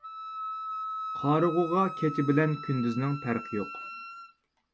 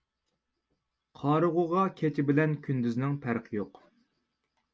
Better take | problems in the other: second | background sound (Wind instrument, woodwind instrument); 9 dB below the speech

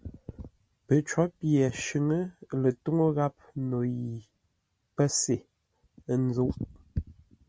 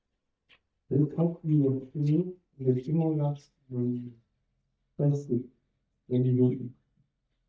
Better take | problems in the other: first | noise reduction (neural mask model DeepFilterNet 3)

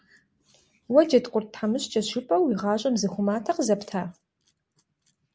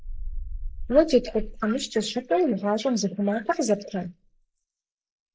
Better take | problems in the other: first | noise reduction (neural mask model Resemble Enhance denoiser)

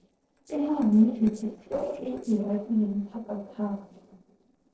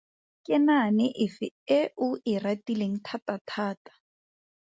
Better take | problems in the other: second | noise reduction (neural separator model SepFormer DNS4)

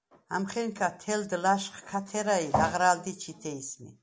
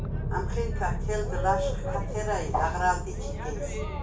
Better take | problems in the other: first | background sound (Boat, Water vehicle); 1 dB above the speech // room echo; dies away in 0.3 s

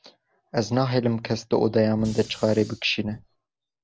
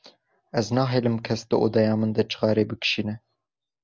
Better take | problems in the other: second | background sound (Fire); 19 dB below the speech

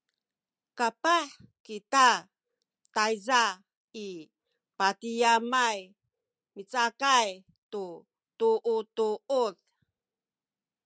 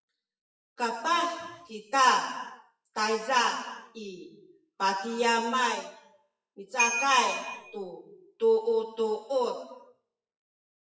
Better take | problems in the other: first | noise reduction (classical method WPE with log-MMSE)

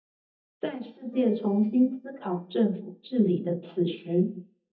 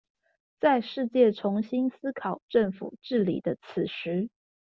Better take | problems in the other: second | noise reduction (neural mask model DeepFilterNet 3)

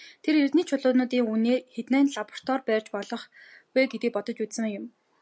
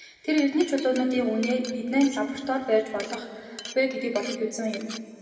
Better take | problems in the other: first | background sound (Glass); 17 dB below the speech // room echo; dies away in 2.2 s

